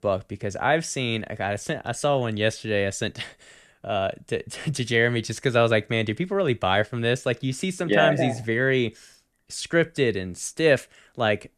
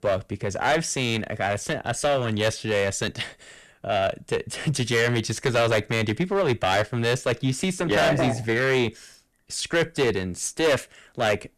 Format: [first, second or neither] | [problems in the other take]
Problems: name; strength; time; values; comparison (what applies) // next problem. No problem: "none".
first | distortion; heavy; 10% of the sound clipped